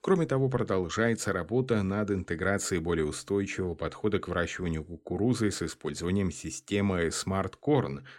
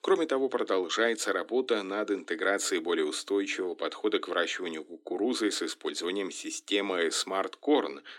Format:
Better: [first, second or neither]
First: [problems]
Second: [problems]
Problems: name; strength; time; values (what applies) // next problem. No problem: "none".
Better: first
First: none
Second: thin; somewhat; fading below 300 Hz